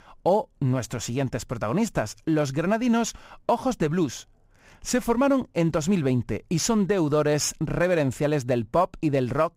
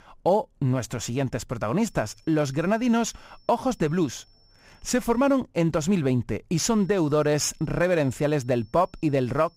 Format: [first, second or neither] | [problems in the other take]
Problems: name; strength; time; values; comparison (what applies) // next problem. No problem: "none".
first | high-pitched whine; faint; from 2 to 5.5 s and from 6.5 s on; 5.5 kHz, 35 dB below the speech